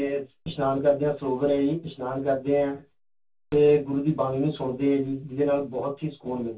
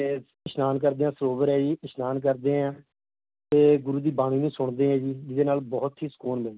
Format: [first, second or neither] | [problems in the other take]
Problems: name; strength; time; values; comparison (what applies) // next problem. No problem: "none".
second | room echo; dies away in 0.2 s